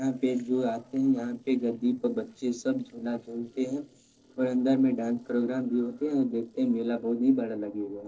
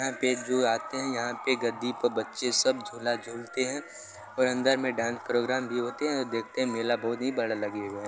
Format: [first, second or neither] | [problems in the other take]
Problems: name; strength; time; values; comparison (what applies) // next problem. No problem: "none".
second | noise reduction (neural separator model SepFormer DNS4)